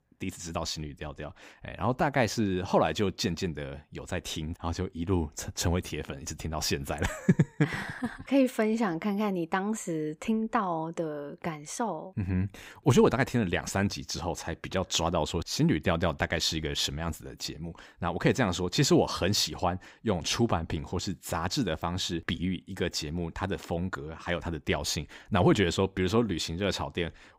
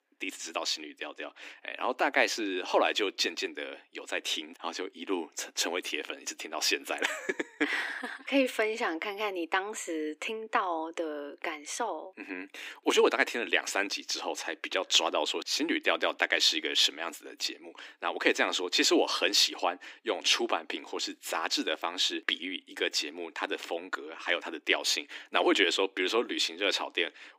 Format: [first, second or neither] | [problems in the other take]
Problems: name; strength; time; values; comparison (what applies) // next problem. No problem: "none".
first | thin; somewhat; fading below 300 Hz